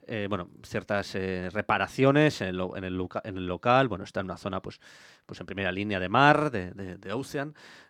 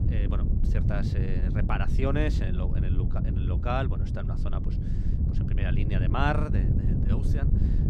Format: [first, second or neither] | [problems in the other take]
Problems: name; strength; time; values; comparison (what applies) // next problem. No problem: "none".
first | wind noise on the microphone; heavy; 5 dB below the speech